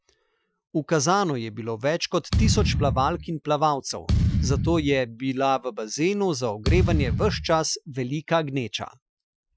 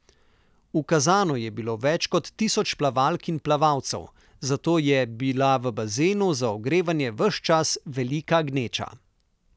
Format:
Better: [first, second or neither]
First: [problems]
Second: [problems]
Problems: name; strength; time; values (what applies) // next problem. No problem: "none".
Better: second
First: noise reduction (classical method Wiener filter)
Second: none